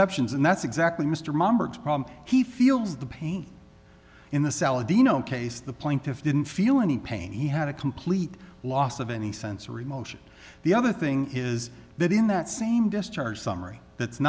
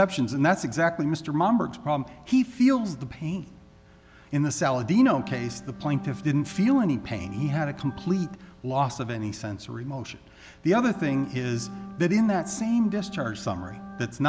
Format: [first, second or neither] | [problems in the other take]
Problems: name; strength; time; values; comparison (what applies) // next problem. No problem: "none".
first | background sound (Organ); 15 dB below the speech